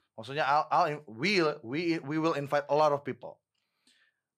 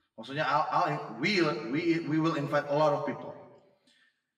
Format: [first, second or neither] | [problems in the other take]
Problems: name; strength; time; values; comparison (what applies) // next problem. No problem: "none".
first | room echo; slight; dies away in 1 s // off-mic speech; far